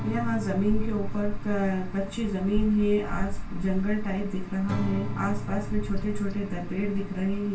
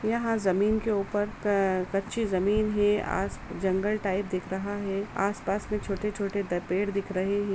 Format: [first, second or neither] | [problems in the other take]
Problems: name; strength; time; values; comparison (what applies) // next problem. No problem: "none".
second | background sound (Acoustic guitar / Strum); 12 dB below the speech // room echo; dies away in 0.2 s